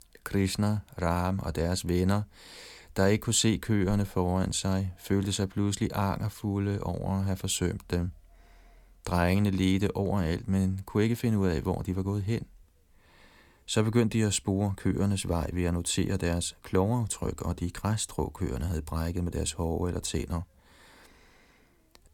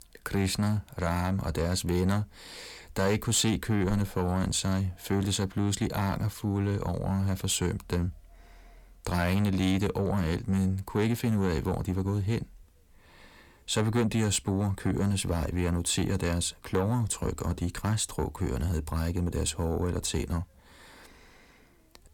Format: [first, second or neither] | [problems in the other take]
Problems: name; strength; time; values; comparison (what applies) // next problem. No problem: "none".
first | distortion; slight; 10 dB below the speech